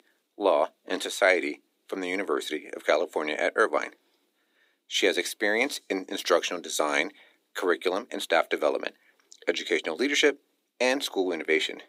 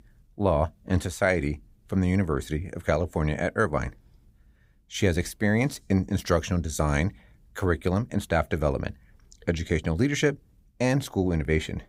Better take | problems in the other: second | thin; somewhat; fading below 300 Hz

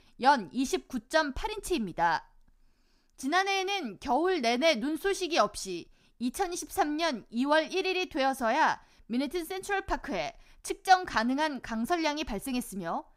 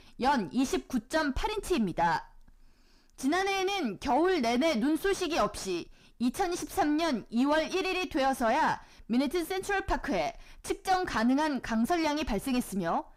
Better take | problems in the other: first | distortion; heavy; 6 dB below the speech

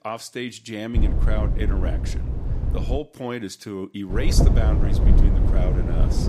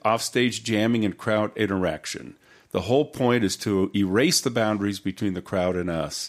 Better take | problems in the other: second | low rumble; loud; from 1 to 3 s and from 4 s on; 2 dB below the speech

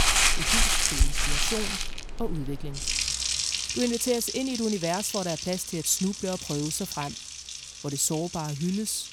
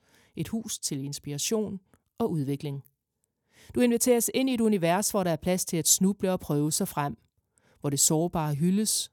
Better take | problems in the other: second | household noises; very loud; throughout; 2 dB above the speech

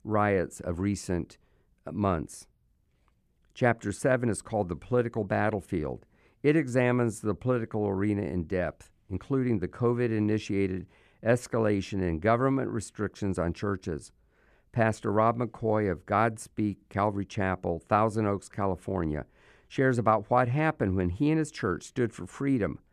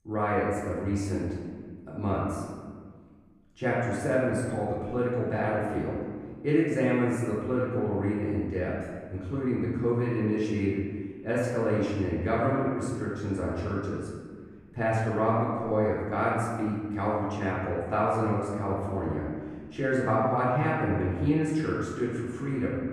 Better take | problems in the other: first | room echo; noticeable; dies away in 1.5 s // off-mic speech; far

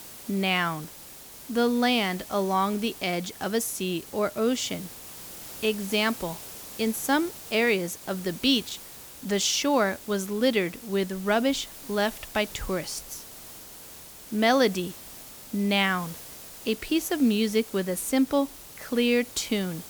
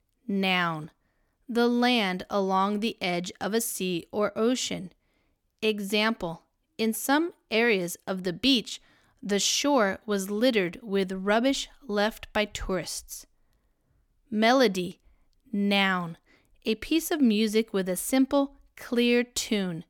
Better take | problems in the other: second | hiss; noticeable; throughout; 15 dB below the speech

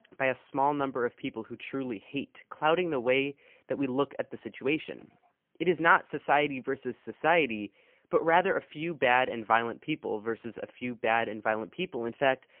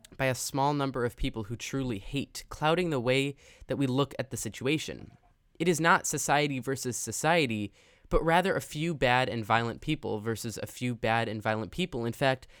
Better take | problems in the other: second | phone-call audio; poor line; nothing above 3 kHz

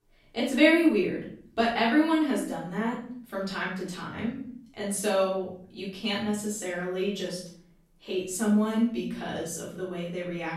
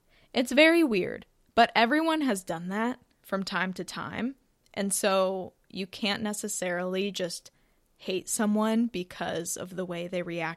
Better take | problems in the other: second | off-mic speech; far // room echo; noticeable; dies away in 0.6 s

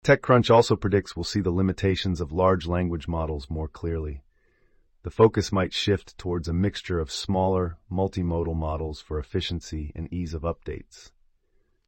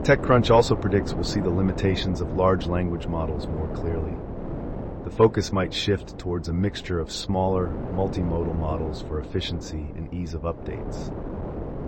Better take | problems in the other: first | wind noise on the microphone; occasional gusts; 10 dB below the speech

